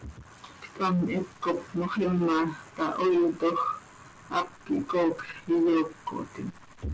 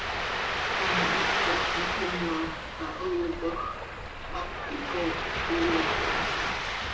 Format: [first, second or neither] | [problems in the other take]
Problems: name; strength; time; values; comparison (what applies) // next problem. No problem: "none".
first | background sound (Ocean); 4 dB above the speech // room echo; dies away in 0.6 s